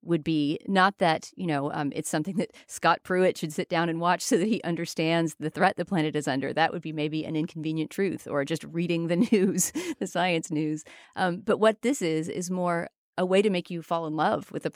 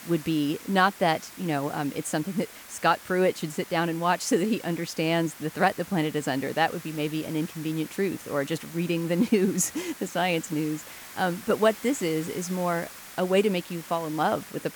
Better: first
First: none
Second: hiss; noticeable; throughout; 15 dB below the speech

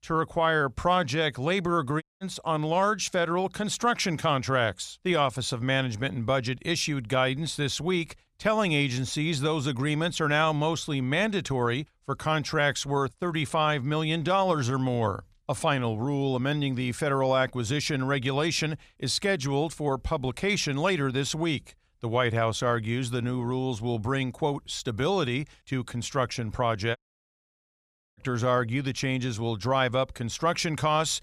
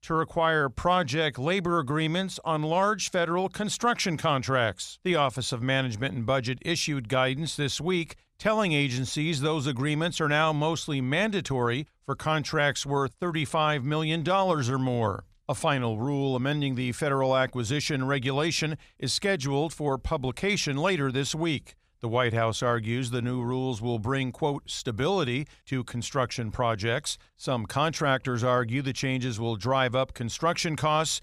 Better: second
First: audio cutting out; at 2 s and at 27 s for 1 s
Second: none

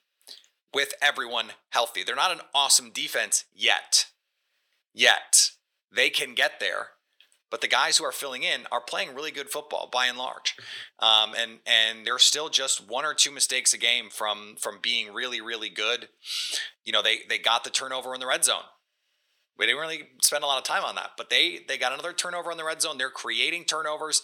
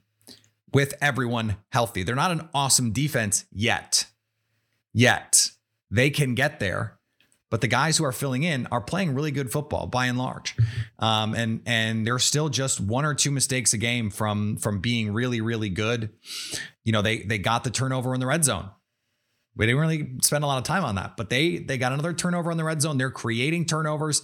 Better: second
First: thin; very; fading below 500 Hz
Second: none

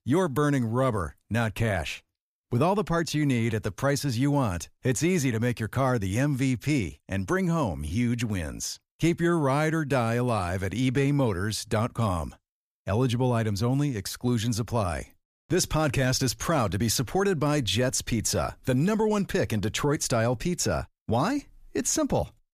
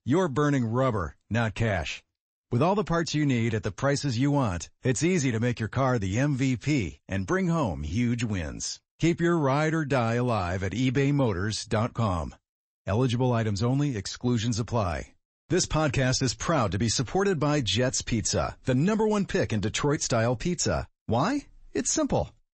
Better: first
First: none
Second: garbled, watery; slightly; nothing above 8 kHz

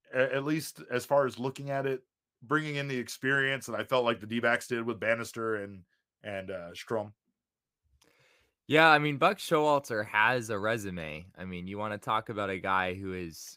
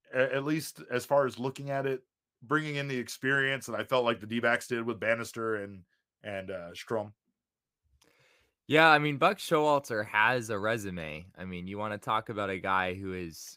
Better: neither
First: none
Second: none

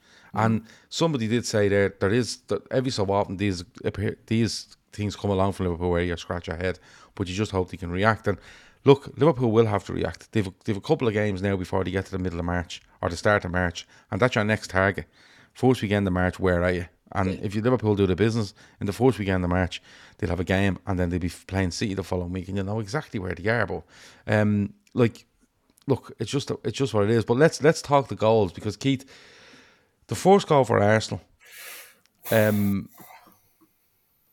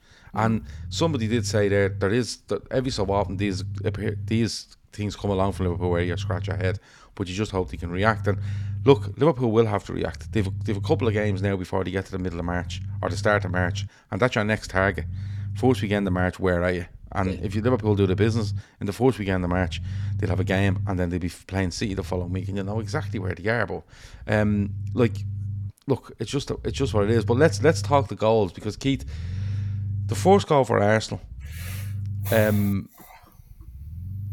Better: first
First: none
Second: low rumble; faint; throughout; 20 dB below the speech

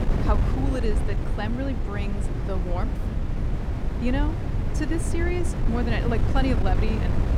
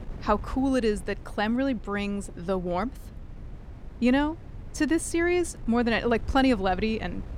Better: second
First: wind noise on the microphone; heavy; 4 dB below the speech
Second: wind noise on the microphone; occasional gusts; 25 dB below the speech

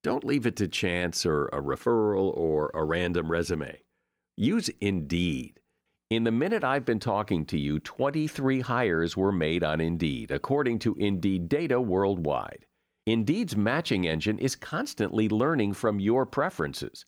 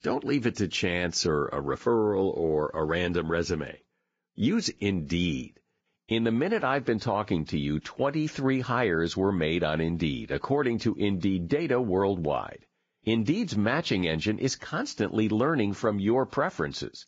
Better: first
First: none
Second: garbled, watery; badly

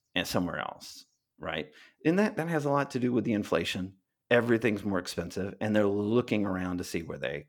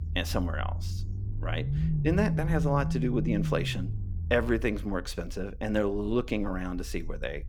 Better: first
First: none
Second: low rumble; noticeable; throughout; 10 dB below the speech

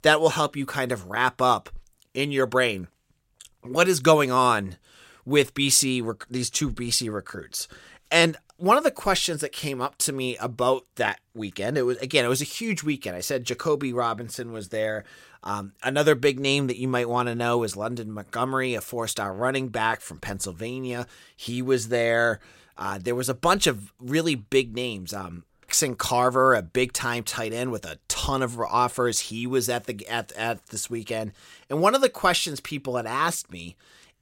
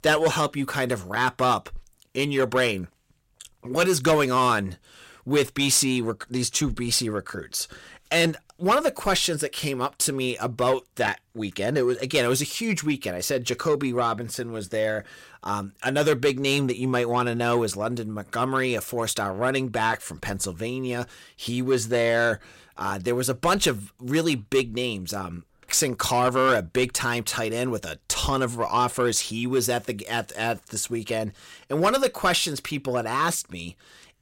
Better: first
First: none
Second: distortion; slight; 10 dB below the speech

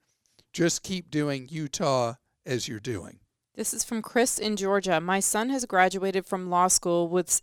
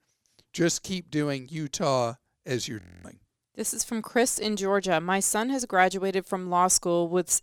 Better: first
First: none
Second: audio freezing; at 3 s

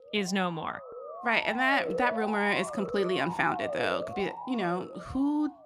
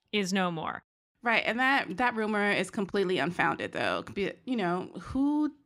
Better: second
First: siren; noticeable; peak 4 dB below the speech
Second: none

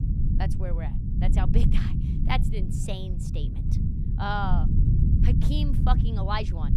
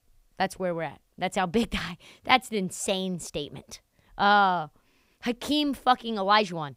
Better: second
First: low rumble; loud; throughout; 6 dB below the speech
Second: none

